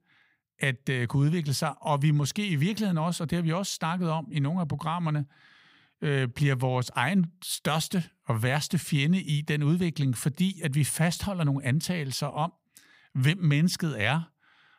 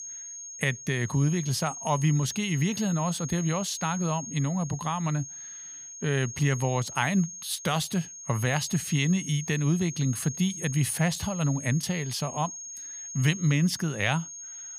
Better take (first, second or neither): first